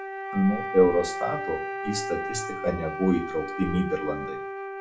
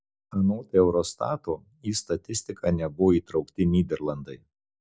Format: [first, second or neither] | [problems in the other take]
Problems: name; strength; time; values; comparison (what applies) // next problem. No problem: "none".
second | background sound (Wind instrument, woodwind instrument); 6 dB below the speech // room echo; dies away in 0.3 s